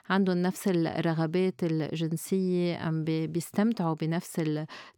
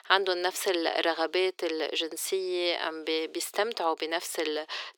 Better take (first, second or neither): first